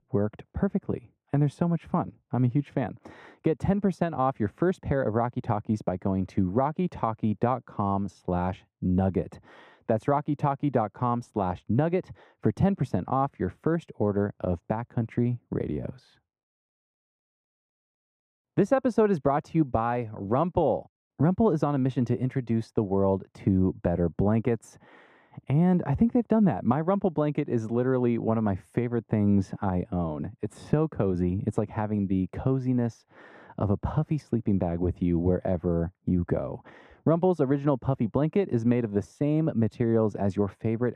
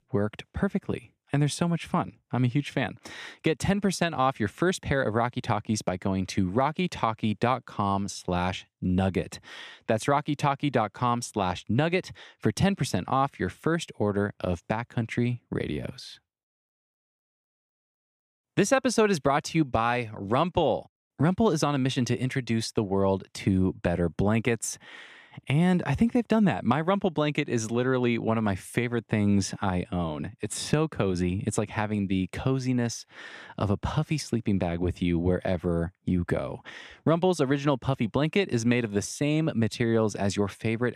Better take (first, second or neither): second